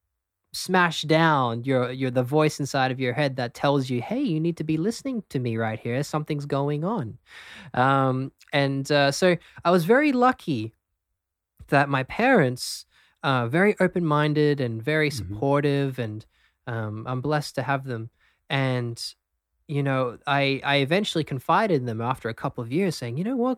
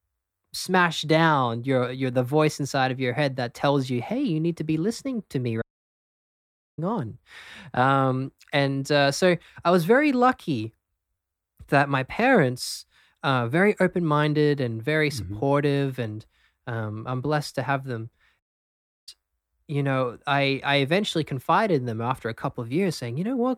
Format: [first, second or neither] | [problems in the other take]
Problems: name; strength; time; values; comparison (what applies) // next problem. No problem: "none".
first | audio cutting out; at 5.5 s for 1 s and at 18 s for 0.5 s